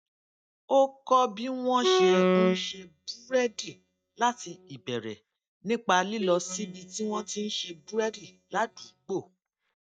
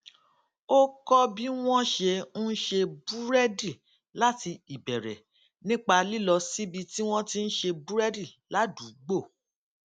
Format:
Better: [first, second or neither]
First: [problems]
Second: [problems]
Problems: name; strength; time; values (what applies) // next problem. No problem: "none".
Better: second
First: noise reduction (neural mask model DeepFilterNet 3)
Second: none